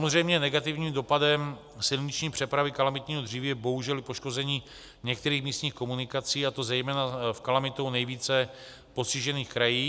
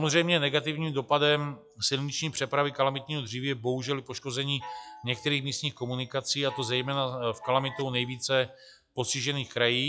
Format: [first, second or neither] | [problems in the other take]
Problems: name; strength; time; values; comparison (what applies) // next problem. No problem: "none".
first | noise reduction (classical method log-MMSE)